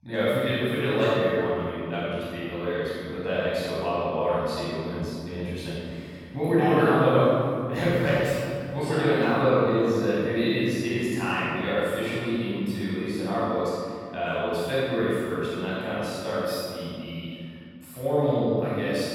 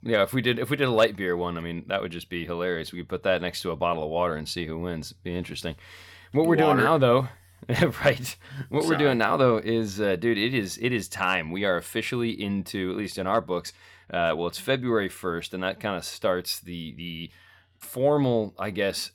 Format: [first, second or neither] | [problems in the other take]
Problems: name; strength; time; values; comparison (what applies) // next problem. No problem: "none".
second | room echo; strong; dies away in 2.2 s // off-mic speech; far